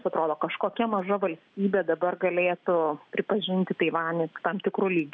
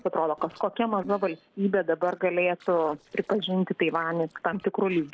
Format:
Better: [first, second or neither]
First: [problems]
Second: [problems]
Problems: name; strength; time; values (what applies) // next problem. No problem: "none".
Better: first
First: none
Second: noise reduction (neural separator model SepFormer DNS4)